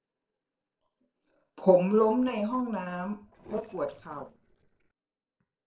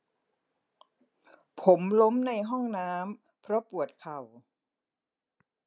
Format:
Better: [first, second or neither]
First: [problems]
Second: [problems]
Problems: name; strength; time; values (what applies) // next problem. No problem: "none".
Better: second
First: noise reduction (neural separator model SepFormer DNS4)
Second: none